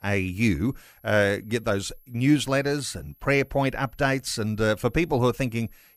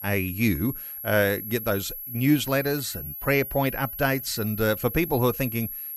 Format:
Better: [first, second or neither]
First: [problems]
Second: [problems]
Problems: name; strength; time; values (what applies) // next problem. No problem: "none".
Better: first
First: high-pitched whine; faint; throughout; 11.5 kHz, 30 dB below the speech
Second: high-pitched whine; loud; throughout; 11.5 kHz, 8 dB below the speech